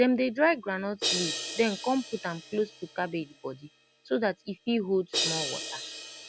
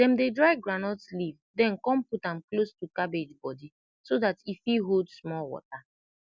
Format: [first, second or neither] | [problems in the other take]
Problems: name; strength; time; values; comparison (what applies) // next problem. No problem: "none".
second | background sound (Crash cymbal); 7 dB below the speech